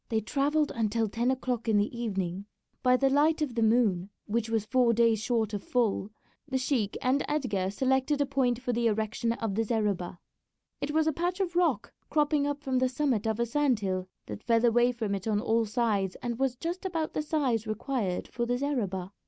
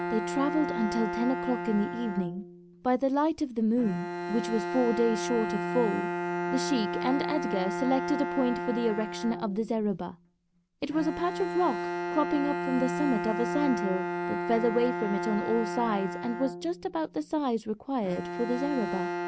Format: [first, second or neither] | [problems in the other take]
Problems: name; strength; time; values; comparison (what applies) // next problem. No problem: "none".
first | background sound (Bowed string instrument); 4 dB below the speech